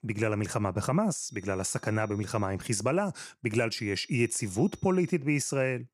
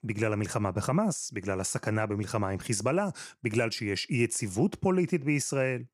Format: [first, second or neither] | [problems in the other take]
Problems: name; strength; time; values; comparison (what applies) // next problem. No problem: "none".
second | high-pitched whine; faint; from 1 to 2.5 s and from 4 to 5 s; 6 kHz, 30 dB below the speech